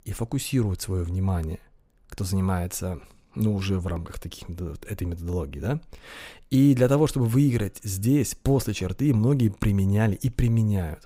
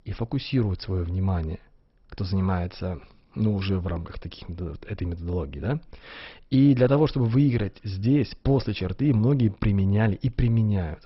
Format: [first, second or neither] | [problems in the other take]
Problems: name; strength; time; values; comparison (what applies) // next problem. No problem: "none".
first | garbled, watery; badly; nothing above 5.5 kHz